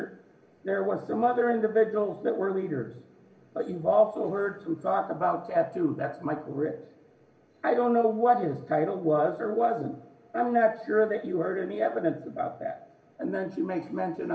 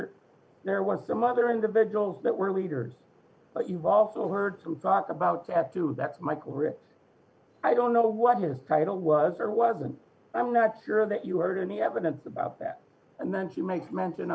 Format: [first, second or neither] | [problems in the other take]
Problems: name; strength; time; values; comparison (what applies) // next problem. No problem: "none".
second | room echo; dies away in 0.9 s